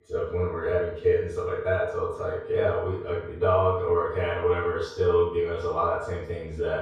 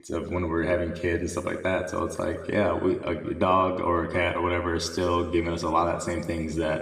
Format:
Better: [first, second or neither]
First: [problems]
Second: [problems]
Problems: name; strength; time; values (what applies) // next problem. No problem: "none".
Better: second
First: room echo; strong; dies away in 0.7 s // off-mic speech; far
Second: room echo; slight; dies away in 1.2 s // off-mic speech; somewhat distant